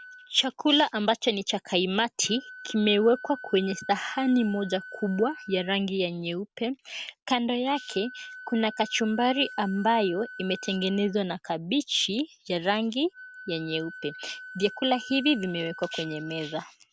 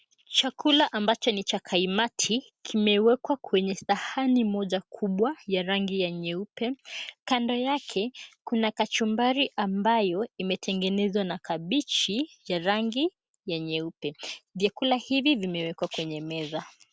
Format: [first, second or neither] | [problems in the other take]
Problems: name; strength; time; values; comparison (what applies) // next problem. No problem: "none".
second | background sound (Wind instrument, woodwind instrument); 17 dB below the speech